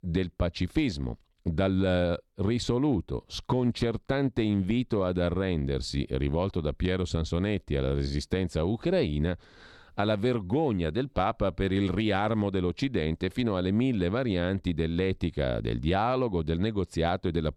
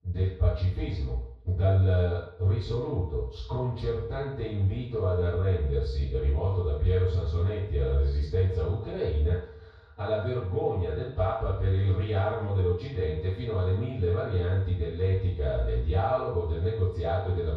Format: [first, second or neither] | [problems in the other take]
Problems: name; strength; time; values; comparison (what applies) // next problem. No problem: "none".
first | room echo; strong; dies away in 0.7 s // off-mic speech; far